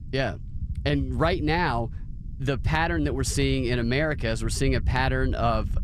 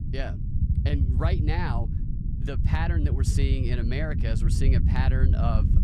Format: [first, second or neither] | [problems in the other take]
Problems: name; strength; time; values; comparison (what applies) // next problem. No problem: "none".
first | low rumble; loud; throughout; 5 dB below the speech; faint in the first